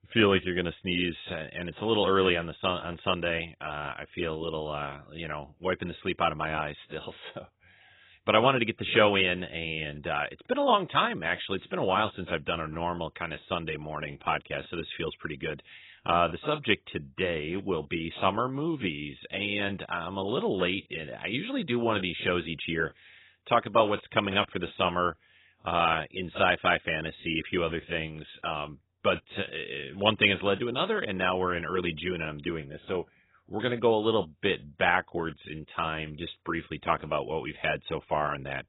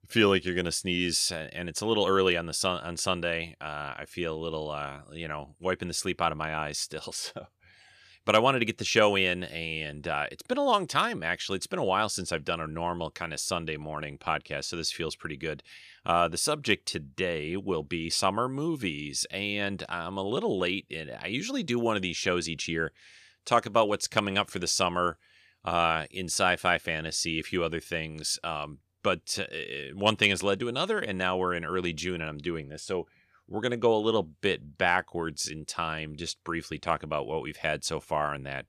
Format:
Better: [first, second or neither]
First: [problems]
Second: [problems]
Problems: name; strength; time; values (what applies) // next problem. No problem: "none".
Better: second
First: garbled, watery; badly; nothing above 3.5 kHz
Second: none